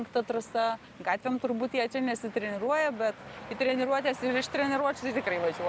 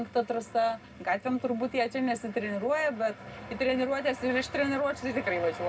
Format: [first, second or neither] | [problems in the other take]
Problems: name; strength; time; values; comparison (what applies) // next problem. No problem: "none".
first | room echo; dies away in 0.2 s